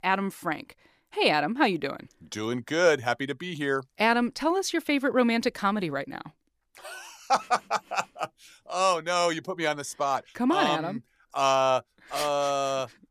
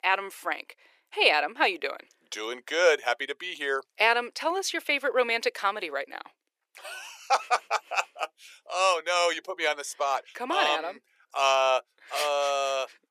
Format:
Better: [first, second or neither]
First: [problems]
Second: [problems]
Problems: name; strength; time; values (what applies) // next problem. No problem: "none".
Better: first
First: none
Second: thin; very; fading below 450 Hz